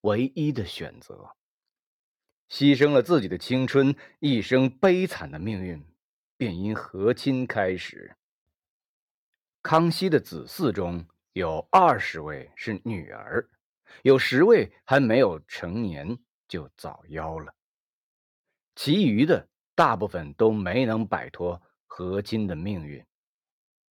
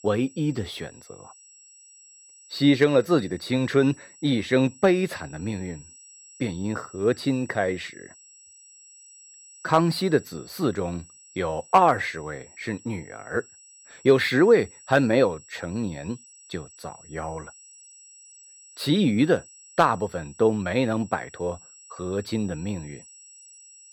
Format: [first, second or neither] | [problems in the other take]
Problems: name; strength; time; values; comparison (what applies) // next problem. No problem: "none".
first | high-pitched whine; faint; throughout; 8 kHz, 25 dB below the speech